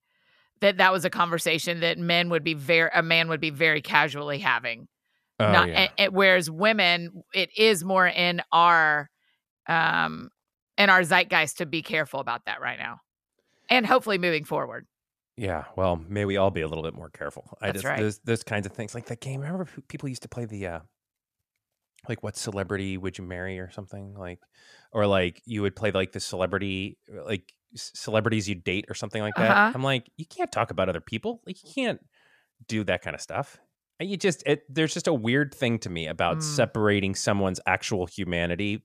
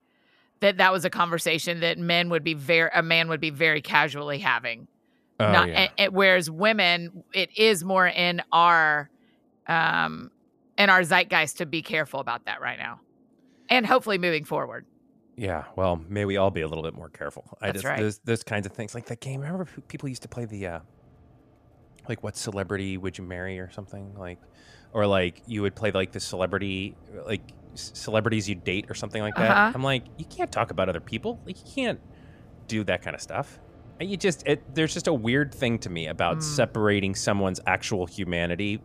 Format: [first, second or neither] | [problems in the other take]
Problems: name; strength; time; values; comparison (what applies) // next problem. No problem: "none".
first | rain or running water; faint; throughout; 25 dB below the speech